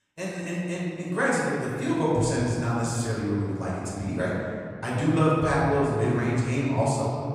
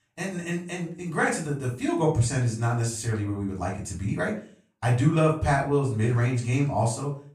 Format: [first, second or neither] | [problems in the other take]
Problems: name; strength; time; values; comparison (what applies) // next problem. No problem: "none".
second | room echo; strong; dies away in 2.2 s; slight in the second // off-mic speech; far; far in the second